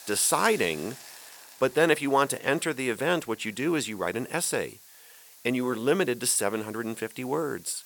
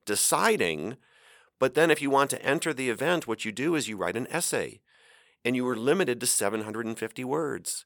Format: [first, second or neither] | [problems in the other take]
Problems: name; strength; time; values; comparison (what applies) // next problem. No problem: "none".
second | hiss; noticeable; throughout; 20 dB below the speech